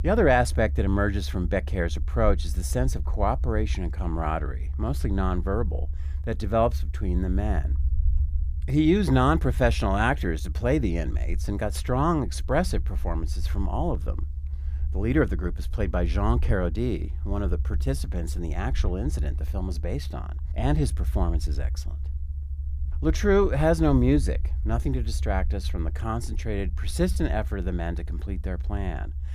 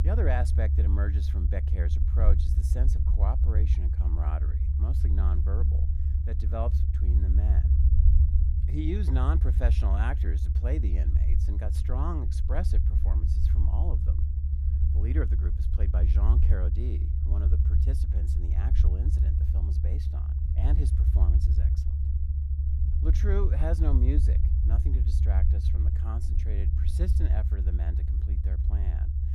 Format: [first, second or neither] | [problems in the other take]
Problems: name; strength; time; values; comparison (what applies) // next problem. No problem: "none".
first | low rumble; loud; throughout; 3 dB below the speech; faint in the first